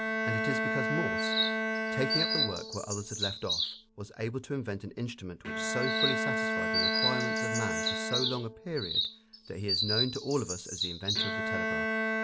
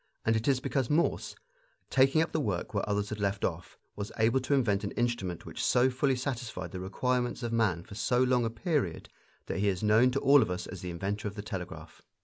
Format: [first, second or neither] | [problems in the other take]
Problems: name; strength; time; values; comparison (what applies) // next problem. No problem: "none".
second | background sound (Chirp, tweet + Bowed string instrument); 5 dB above the speech